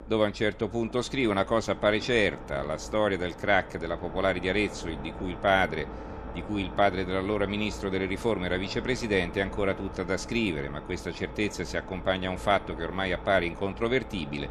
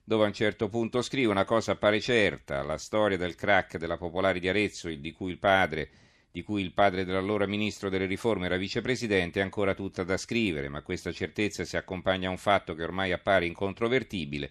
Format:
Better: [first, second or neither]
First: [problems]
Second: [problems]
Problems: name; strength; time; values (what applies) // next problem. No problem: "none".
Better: second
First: low rumble; noticeable; throughout; 15 dB below the speech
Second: none